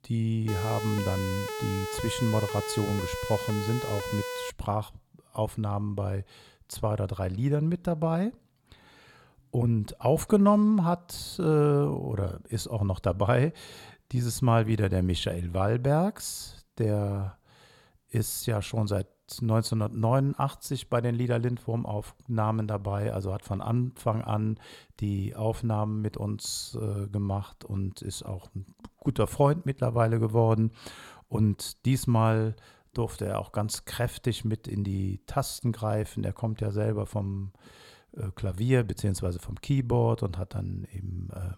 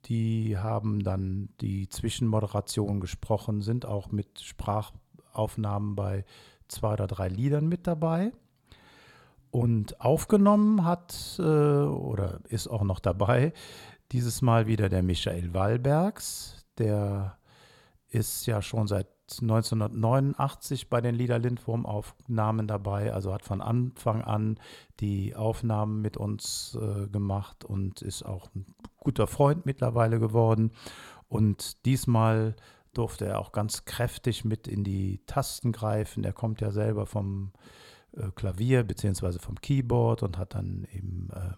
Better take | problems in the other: second | siren; noticeable; until 4.5 s; peak 5 dB below the speech

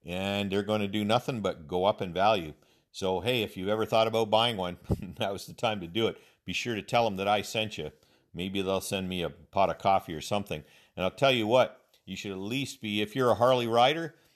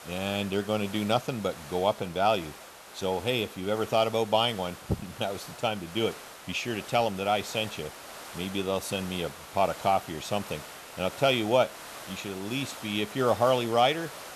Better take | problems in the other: first | hiss; noticeable; throughout; 15 dB below the speech

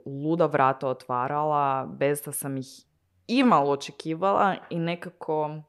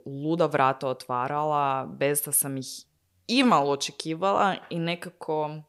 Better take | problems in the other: second | muffled; slightly; fading above 3 kHz

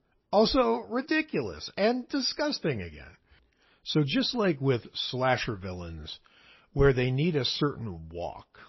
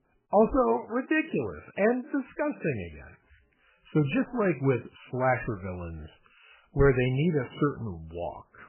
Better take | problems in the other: first | garbled, watery; badly; nothing above 2.5 kHz; slightly in the first

